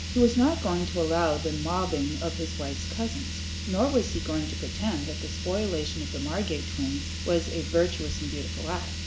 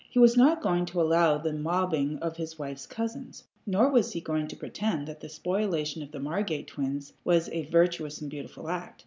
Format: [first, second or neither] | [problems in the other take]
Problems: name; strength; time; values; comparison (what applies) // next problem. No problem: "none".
second | background sound (Car); 4 dB below the speech